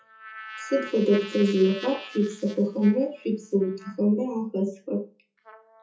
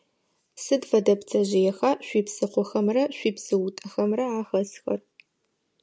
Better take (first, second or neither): second